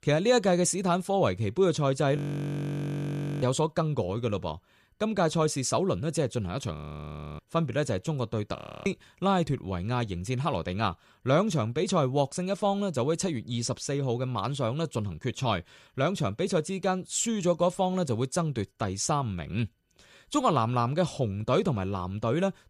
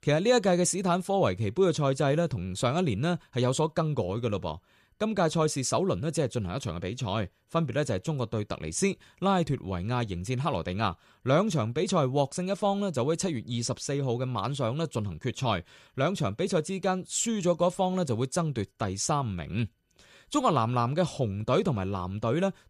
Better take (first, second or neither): second